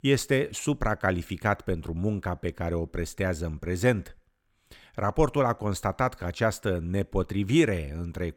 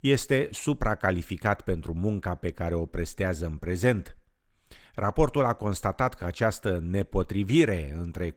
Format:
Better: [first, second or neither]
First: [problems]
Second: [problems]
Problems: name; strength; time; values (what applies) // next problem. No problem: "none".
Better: first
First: none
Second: garbled, watery; slightly; nothing above 16.5 kHz